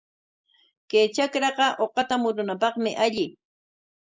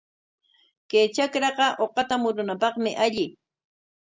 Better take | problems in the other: second | noise reduction (neural mask model Resemble Enhance denoiser)

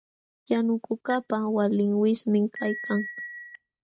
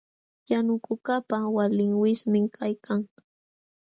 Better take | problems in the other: second | noise reduction (neural mask model RNNoise)

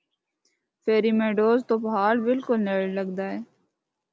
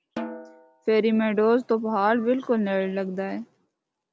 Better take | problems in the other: first | background sound (Snare drum); 15 dB below the speech

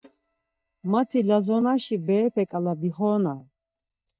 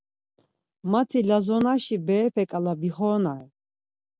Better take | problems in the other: second | noise reduction (neural mask model DeepFilterNet 3)

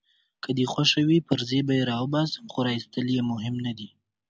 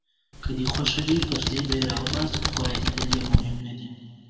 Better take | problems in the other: first | background sound (Computer keyboard); 3 dB above the speech // room echo; dies away in 2.2 s

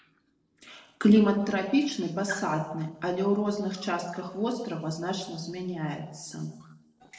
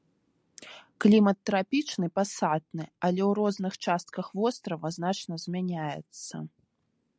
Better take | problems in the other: second | noise reduction (neural separator model SepFormer DNS4)

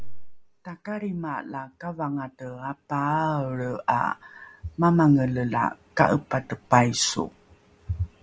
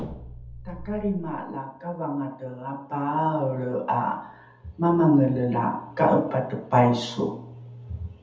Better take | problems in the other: first | room echo; dies away in 0.7 s

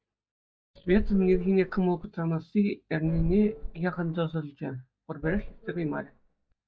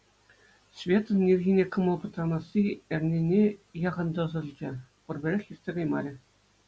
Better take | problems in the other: second | noise reduction (neural mask model DeepFilterNet 3)

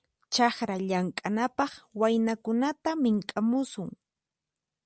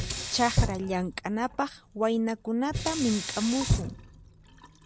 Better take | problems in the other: first | background sound (Sink (filling or washing)); 3 dB below the speech

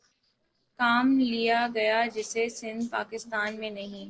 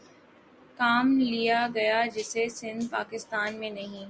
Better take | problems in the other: second | noise reduction (neural separator model SepFormer DNS4)

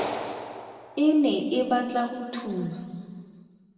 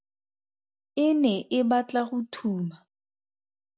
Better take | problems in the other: second | background sound (Clapping); 12 dB below the speech // room echo; dies away in 1.9 s

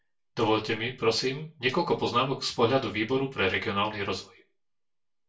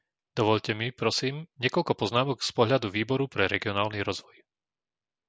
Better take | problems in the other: second | room echo; dies away in 0.3 s

